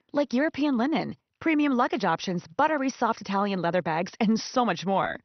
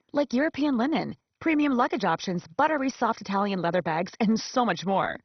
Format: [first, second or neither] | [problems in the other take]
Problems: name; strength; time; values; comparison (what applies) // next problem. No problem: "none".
first | garbled, watery; badly; nothing above 6 kHz; slightly in the first